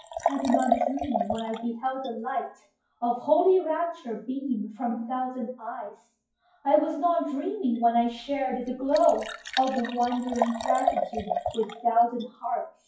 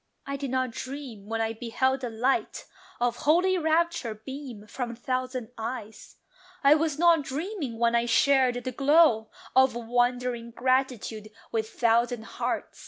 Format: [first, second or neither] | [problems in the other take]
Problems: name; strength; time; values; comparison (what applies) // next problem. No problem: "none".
second | noise reduction (classical method WPE with log-MMSE)